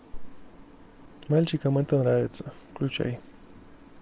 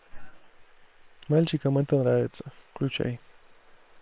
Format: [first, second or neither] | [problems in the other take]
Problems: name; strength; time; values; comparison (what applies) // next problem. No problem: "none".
first | noise reduction (neural separator model SepFormer WHAM!)